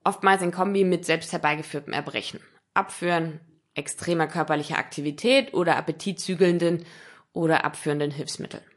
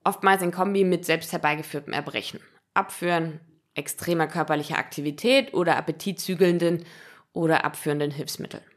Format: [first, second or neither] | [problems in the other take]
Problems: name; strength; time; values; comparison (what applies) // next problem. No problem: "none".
second | garbled, watery; slightly; nothing above 11 kHz